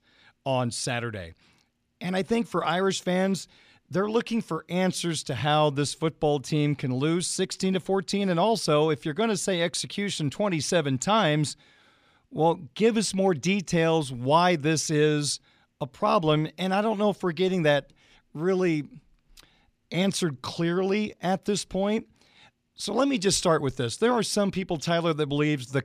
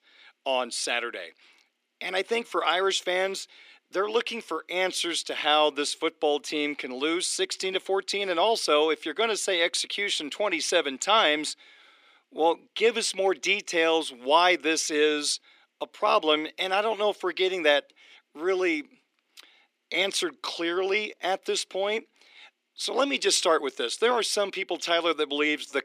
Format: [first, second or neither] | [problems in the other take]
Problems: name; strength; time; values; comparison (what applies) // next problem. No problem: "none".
first | thin; somewhat; fading below 300 Hz